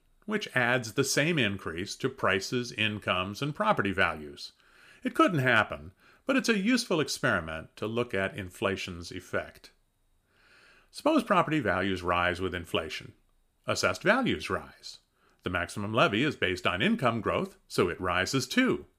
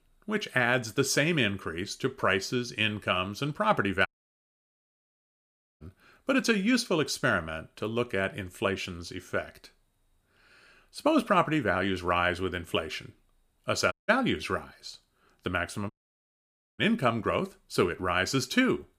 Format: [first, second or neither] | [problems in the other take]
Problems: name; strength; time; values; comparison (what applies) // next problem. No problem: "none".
first | audio cutting out; at 4 s for 1.5 s, at 14 s and at 16 s for 1 s